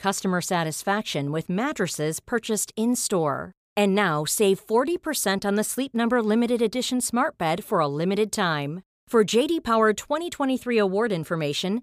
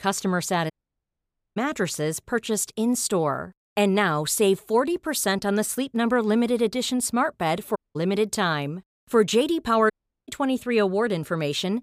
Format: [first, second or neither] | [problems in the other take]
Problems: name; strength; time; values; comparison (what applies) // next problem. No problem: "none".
first | audio cutting out; at 0.5 s for 1 s, at 8 s and at 10 s